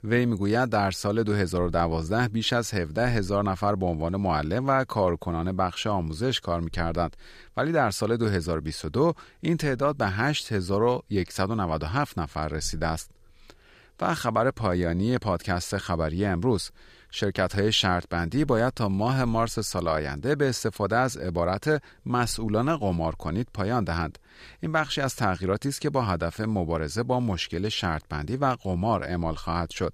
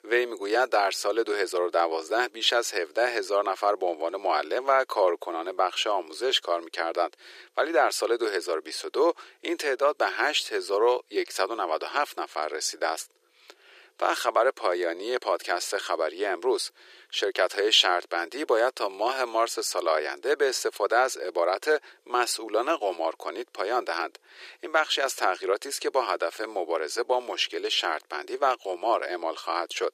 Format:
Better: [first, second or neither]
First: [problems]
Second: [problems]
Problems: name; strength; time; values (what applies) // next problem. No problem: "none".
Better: first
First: none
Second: thin; very; fading below 350 Hz